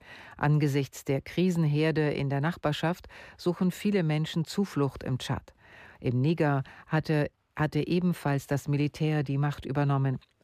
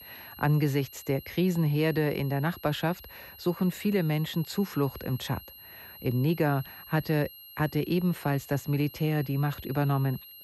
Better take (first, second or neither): first